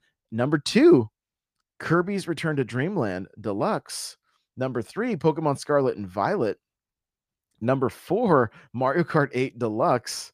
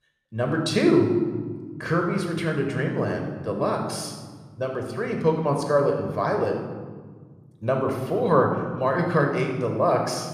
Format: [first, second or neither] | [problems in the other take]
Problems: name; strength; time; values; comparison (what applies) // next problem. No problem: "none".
first | room echo; noticeable; dies away in 1.3 s